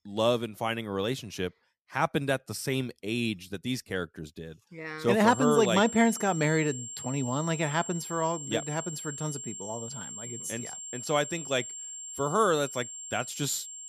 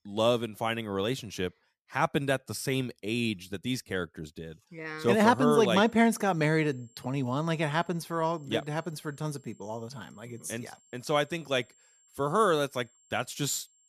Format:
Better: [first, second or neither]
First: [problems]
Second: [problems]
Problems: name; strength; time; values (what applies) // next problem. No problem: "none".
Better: second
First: high-pitched whine; loud; from 5.5 s on; 7.5 kHz, 9 dB below the speech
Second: high-pitched whine; faint; from 5.5 s on; 7.5 kHz, 30 dB below the speech